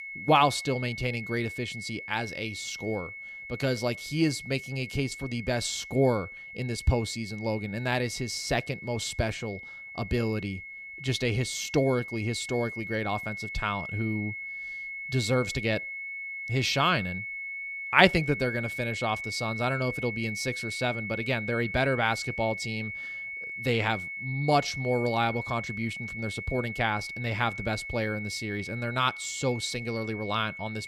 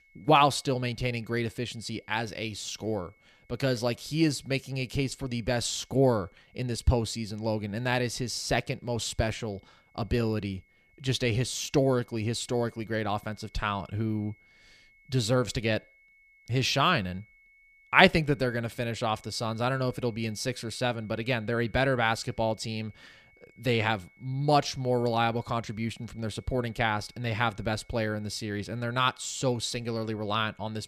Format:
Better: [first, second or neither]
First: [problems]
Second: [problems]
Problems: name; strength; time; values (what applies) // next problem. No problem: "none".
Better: second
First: high-pitched whine; loud; throughout; 2 kHz, 7 dB below the speech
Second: high-pitched whine; faint; throughout; 2 kHz, 30 dB below the speech